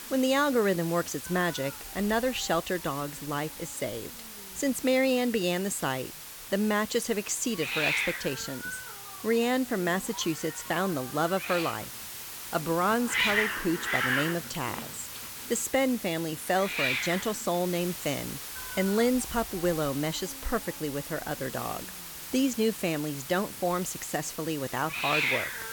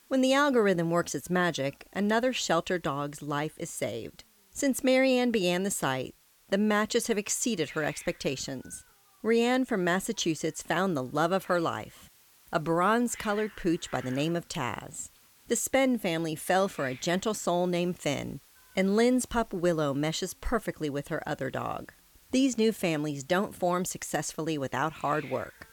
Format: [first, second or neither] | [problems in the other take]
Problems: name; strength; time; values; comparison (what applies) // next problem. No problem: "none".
second | hiss; loud; throughout; 5 dB below the speech; faint in the second